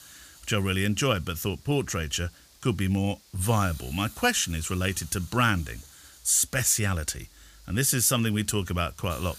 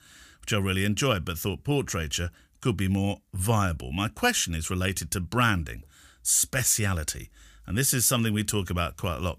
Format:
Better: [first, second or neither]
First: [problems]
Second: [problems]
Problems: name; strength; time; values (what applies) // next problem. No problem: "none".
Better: second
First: hiss; faint; throughout; 20 dB below the speech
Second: none